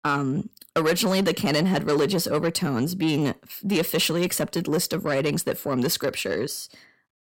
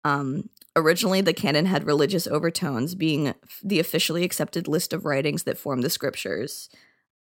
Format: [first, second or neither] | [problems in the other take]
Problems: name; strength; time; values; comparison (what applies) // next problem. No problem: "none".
second | distortion; slight; 10 dB below the speech